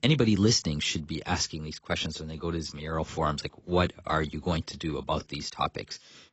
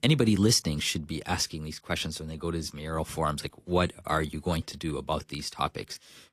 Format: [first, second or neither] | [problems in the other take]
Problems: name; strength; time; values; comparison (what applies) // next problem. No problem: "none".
second | garbled, watery; badly; nothing above 7.5 kHz; slightly in the second